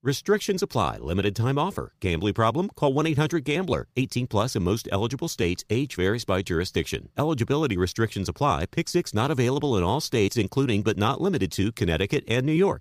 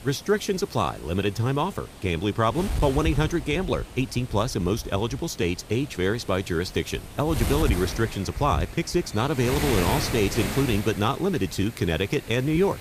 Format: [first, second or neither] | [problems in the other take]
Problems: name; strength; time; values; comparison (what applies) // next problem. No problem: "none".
first | wind noise on the microphone; heavy; 10 dB below the speech